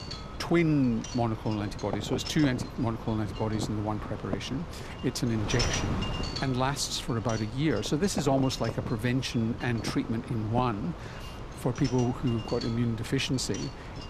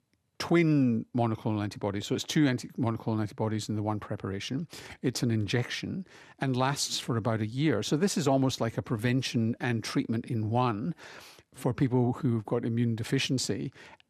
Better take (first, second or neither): second